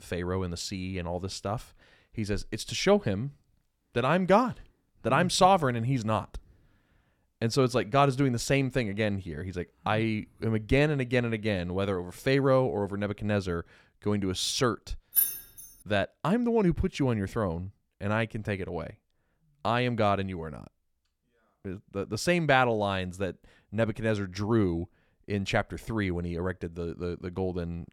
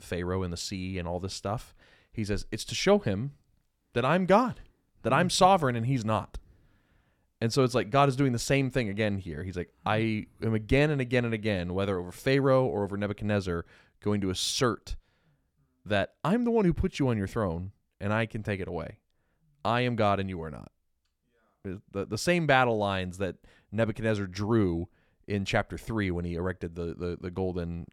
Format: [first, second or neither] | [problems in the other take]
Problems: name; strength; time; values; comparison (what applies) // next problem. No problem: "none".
second | jangling keys; loud; at 15 s; peak 4 dB above the speech